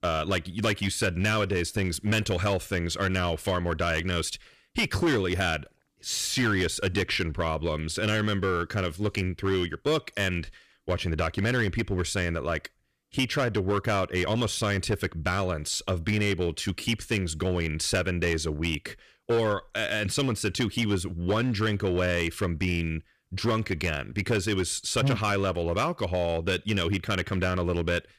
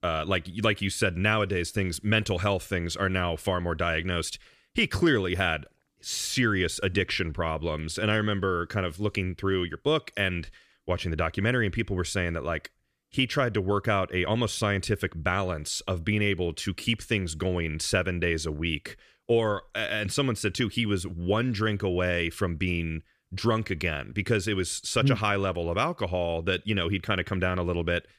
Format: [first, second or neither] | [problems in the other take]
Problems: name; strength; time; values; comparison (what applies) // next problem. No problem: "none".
second | distortion; slight; 7% of the sound clipped